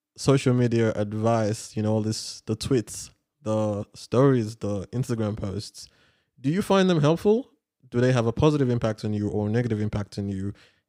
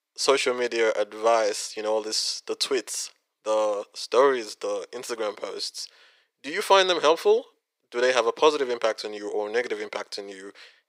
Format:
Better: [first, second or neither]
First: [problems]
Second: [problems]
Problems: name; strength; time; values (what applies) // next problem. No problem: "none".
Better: first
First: none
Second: thin; very; fading below 450 Hz